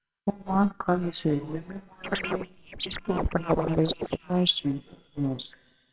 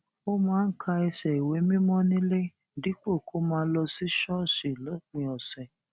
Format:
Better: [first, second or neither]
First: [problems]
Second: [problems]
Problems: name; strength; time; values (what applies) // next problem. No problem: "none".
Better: second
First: noise reduction (neural separator model SepFormer WHAMR!)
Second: none